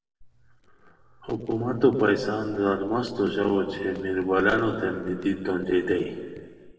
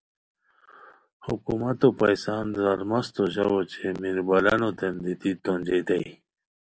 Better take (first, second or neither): second